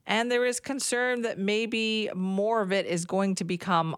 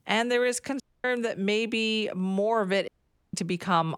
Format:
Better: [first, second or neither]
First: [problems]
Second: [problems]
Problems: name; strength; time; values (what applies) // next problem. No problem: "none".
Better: first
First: none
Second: audio cutting out; at 1 s and at 3 s